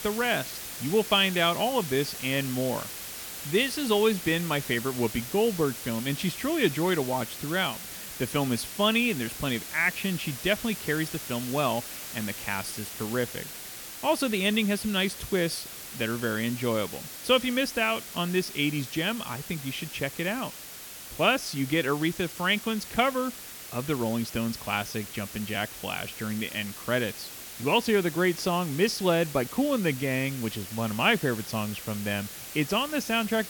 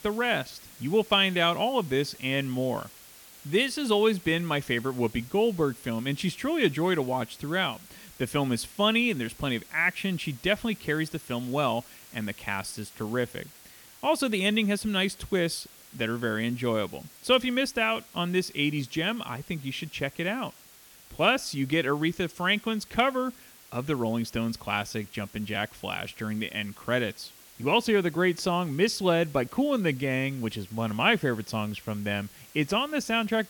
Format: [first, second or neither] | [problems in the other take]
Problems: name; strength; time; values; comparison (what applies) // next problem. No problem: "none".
second | hiss; loud; throughout; 10 dB below the speech; faint in the second